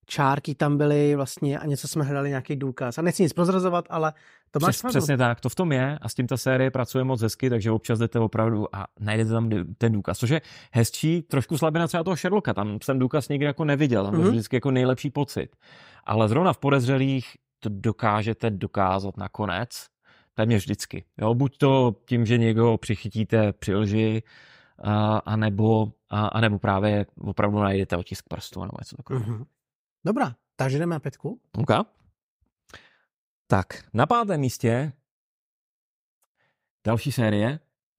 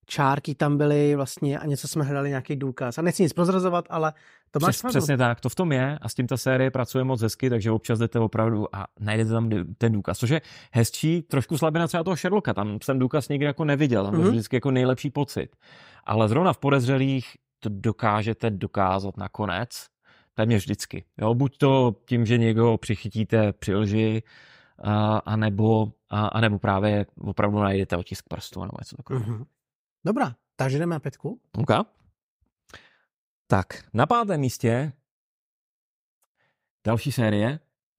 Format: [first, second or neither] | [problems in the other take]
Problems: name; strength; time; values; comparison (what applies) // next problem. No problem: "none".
neither | none